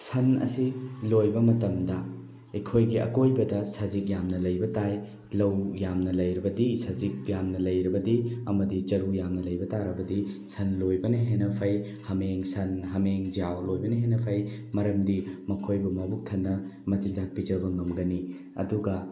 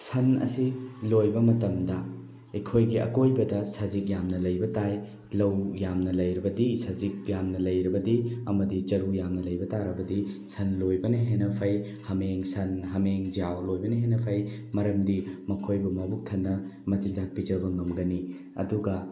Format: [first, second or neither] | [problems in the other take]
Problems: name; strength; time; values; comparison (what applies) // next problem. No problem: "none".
second | background sound (Piano); 19 dB below the speech